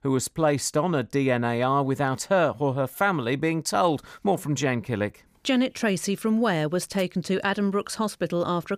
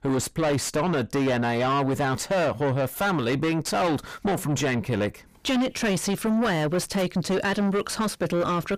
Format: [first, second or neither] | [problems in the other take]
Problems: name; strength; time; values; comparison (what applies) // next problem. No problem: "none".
first | distortion; heavy; 6 dB below the speech